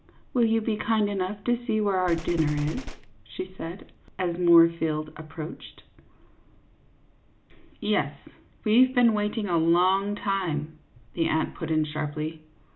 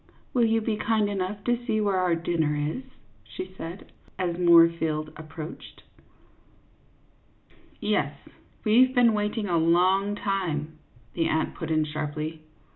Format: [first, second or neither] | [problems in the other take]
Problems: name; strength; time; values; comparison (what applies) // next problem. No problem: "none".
second | background sound (Gunshot, gunfire); 11 dB below the speech